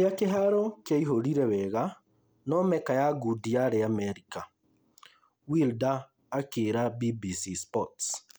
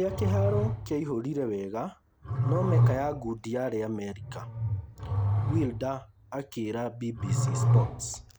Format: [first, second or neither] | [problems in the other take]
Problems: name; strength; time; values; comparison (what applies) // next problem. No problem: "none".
first | background sound (Growling); 3 dB above the speech